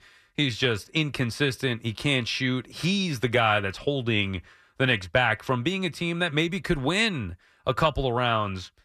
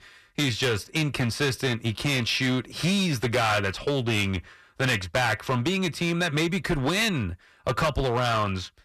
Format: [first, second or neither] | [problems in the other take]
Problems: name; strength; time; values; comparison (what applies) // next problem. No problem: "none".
first | distortion; heavy; 12% of the sound clipped